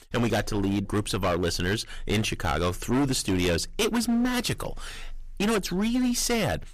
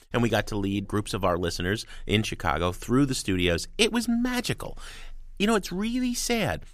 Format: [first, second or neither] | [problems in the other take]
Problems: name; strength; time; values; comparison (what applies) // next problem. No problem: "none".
second | distortion; heavy; 14% of the sound clipped